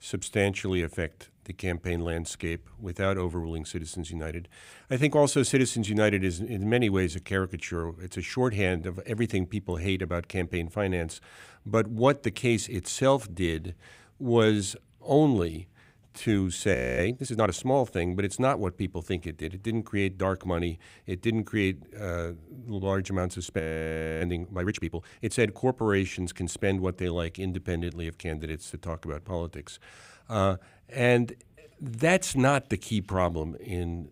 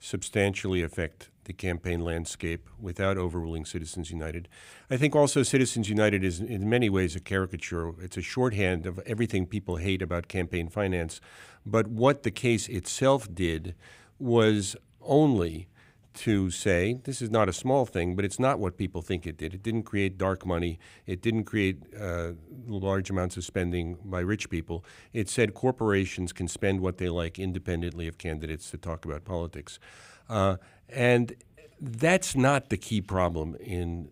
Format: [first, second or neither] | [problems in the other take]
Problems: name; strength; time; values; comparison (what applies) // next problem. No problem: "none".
second | audio freezing; at 17 s and at 24 s for 0.5 s